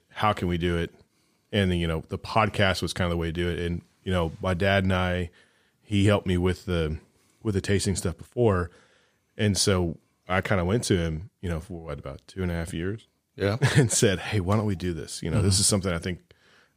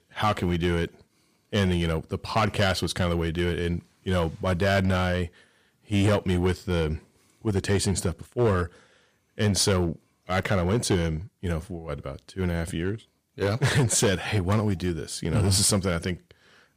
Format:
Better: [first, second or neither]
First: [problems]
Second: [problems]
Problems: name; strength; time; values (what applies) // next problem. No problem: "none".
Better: first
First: none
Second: distortion; slight; 5% of the sound clipped